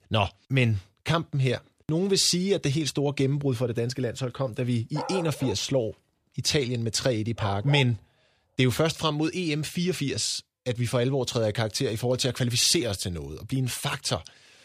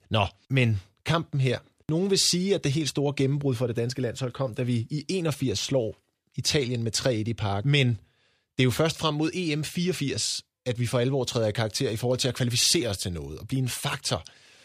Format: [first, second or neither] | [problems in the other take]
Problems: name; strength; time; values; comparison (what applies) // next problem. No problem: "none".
second | dog barking; noticeable; from 5 to 8 s; peak 8 dB below the speech